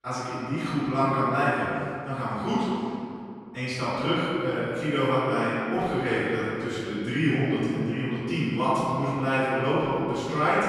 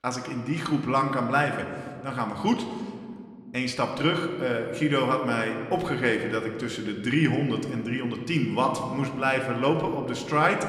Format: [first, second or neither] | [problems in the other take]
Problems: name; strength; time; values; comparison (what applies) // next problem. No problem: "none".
second | room echo; strong; dies away in 2.3 s; slight in the second // off-mic speech; far